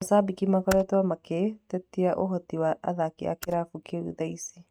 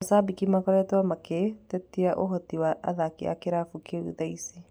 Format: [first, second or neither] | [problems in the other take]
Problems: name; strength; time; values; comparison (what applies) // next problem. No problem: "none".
second | noise reduction (neural mask model RNNoise)